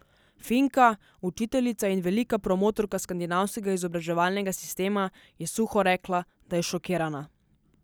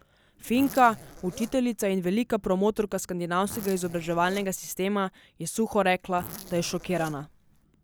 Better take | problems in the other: first | background sound (Zipper (clothing)); 17 dB below the speech

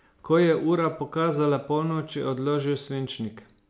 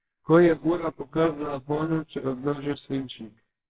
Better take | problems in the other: first | noise reduction (neural separator model SepFormer WHAMR!)

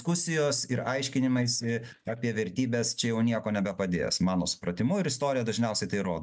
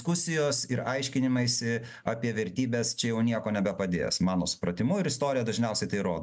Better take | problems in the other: second | noise reduction (neural mask model DeepFilterNet 3)

